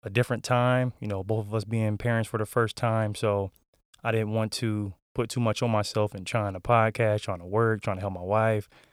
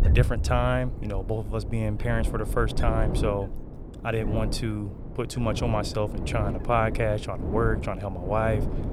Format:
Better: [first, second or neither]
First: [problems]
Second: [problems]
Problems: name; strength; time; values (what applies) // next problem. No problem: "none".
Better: first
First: none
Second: wind noise on the microphone; occasional gusts; 10 dB below the speech